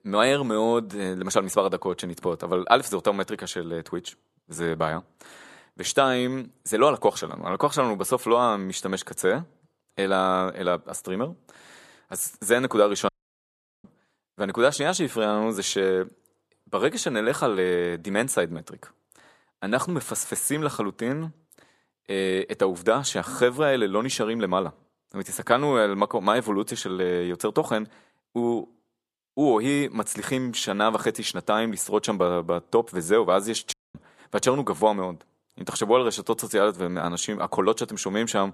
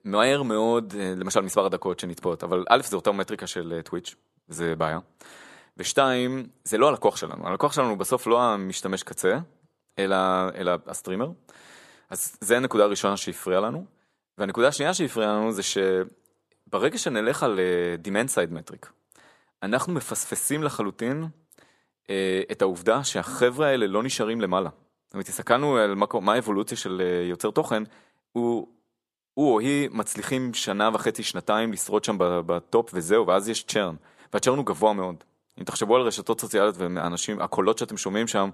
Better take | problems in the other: second | audio cutting out; at 13 s for 1 s and at 34 s

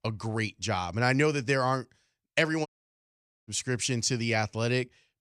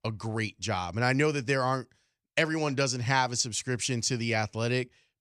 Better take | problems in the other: second | audio cutting out; at 2.5 s for 1 s

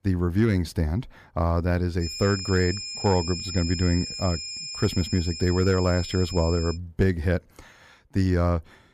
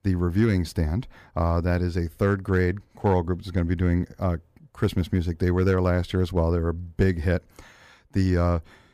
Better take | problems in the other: second | high-pitched whine; loud; from 2 to 7 s; 5 kHz, 7 dB below the speech

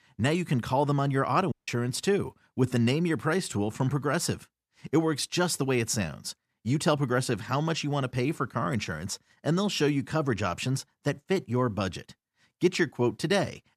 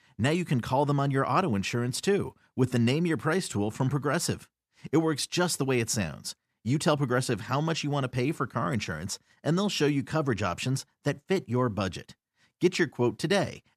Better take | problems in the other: second | audio cutting out; at 1.5 s

